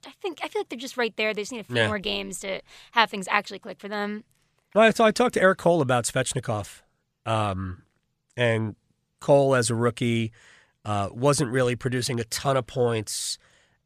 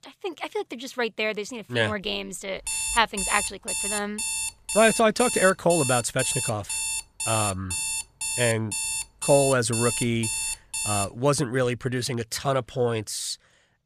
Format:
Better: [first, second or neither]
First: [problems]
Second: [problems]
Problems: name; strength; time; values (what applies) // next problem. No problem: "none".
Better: first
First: none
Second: alarm; noticeable; from 2.5 to 11 s; peak level with the speech